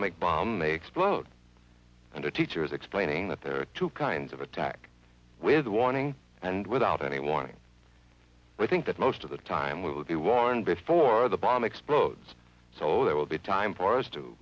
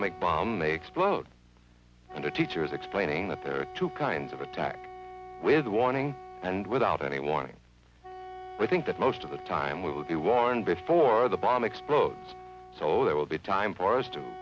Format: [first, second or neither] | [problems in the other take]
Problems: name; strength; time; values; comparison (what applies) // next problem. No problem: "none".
first | background sound (Wind instrument, woodwind instrument); 16 dB below the speech